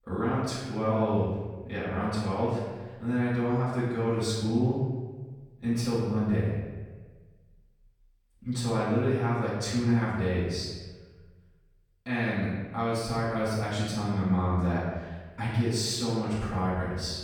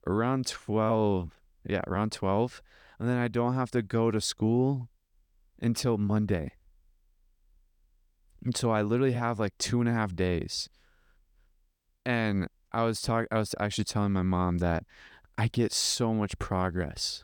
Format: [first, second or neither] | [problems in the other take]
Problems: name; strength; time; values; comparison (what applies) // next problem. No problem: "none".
second | off-mic speech; far // room echo; strong; dies away in 1.2 s